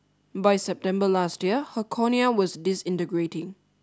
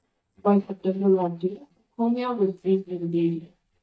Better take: first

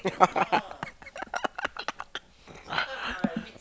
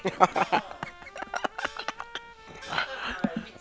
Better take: first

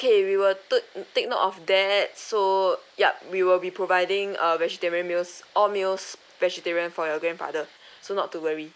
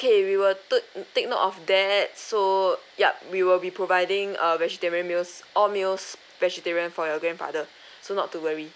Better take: second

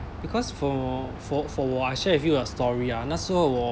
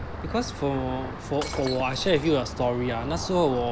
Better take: first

